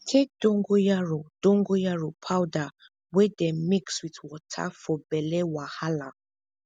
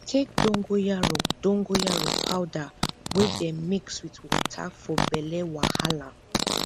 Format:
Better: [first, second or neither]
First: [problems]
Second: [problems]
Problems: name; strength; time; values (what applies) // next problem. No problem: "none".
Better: first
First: none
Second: background sound (Fart); 1 dB below the speech